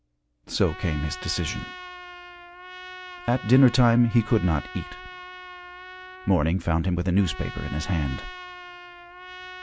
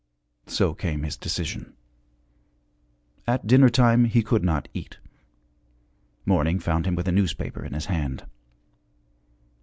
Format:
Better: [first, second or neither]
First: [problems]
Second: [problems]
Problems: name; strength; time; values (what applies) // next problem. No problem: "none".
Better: second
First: background sound (Trumpet); 15 dB below the speech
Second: none